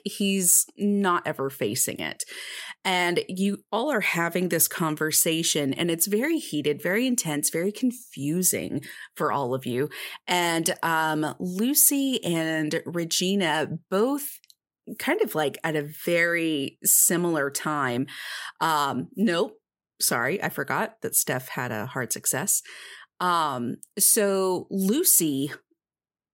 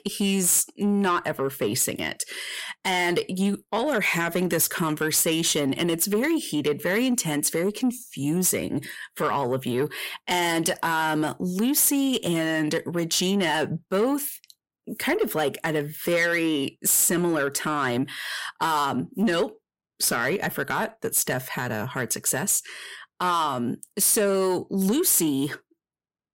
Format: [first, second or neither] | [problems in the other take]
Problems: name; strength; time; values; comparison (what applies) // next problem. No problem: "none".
first | distortion; slight; 10 dB below the speech